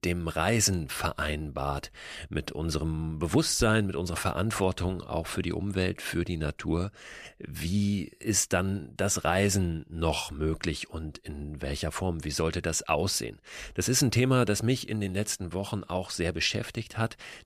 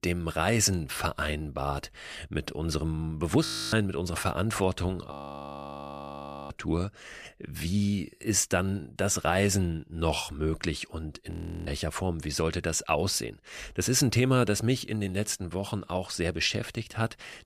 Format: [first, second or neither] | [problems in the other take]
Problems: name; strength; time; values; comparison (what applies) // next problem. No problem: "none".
first | audio freezing; at 3.5 s, at 5 s for 1.5 s and at 11 s